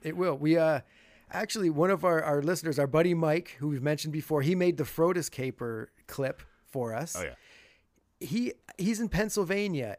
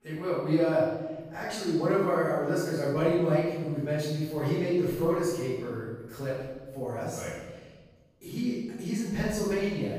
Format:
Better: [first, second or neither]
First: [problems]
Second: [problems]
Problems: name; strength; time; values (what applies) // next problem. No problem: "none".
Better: first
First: none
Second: off-mic speech; far // room echo; strong; dies away in 1.2 s